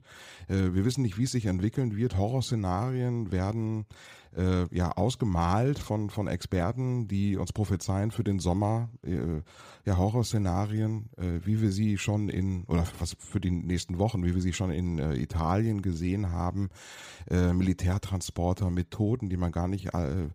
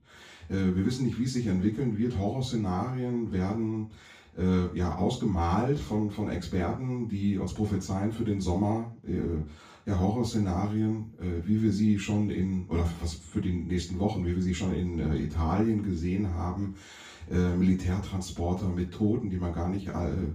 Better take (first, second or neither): first